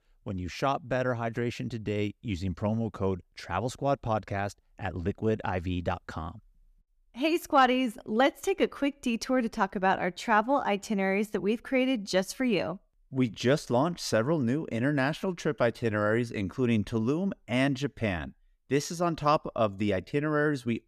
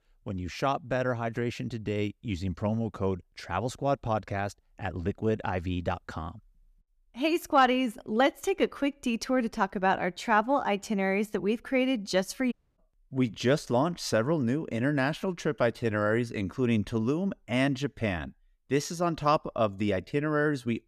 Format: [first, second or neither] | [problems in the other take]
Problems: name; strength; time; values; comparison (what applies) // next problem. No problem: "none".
first | audio cutting out; at 13 s